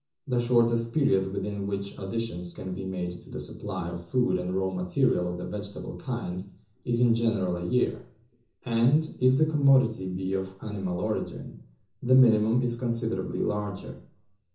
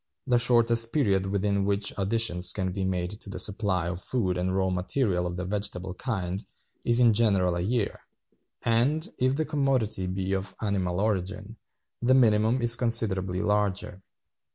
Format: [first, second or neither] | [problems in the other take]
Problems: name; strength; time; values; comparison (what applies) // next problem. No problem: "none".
second | room echo; dies away in 0.6 s